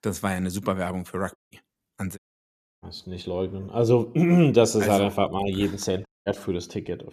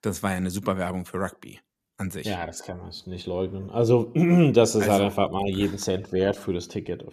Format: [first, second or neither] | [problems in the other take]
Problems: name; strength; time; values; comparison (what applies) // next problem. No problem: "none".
second | audio cutting out; at 1.5 s, at 2 s for 0.5 s and at 6 s